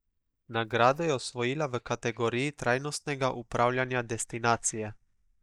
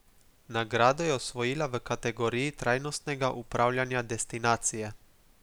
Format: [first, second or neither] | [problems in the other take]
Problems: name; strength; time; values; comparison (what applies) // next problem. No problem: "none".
second | noise reduction (neural mask model DeepFilterNet 3)